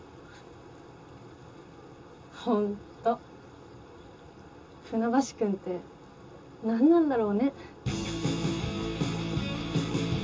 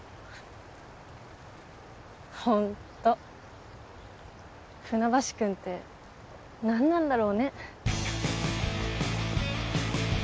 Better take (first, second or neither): second